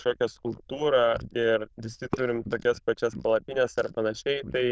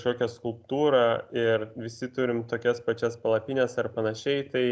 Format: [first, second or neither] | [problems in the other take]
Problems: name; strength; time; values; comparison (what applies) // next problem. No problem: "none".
second | noise reduction (neural diffusion model UNIVERSE++)